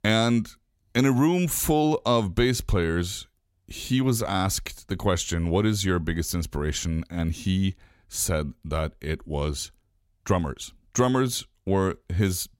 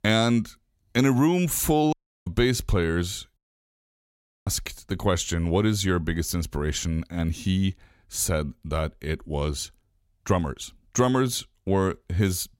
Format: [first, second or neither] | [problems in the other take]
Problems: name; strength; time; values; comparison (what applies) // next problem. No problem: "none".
first | audio cutting out; at 2 s and at 3.5 s for 1 s